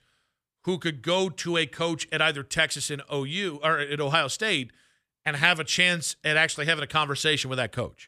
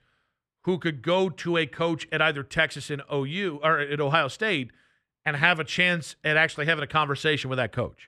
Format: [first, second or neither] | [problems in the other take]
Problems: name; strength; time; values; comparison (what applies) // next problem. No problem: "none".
first | muffled; slightly; fading above 3.5 kHz